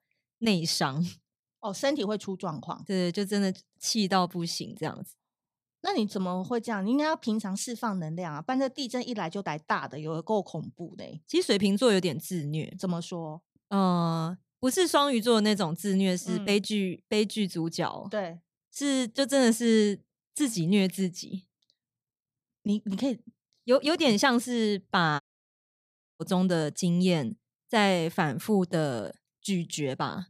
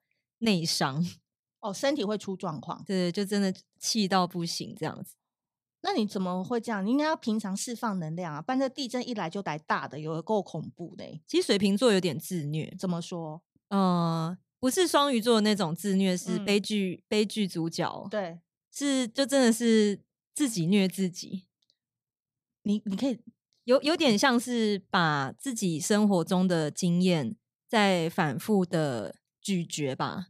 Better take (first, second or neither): second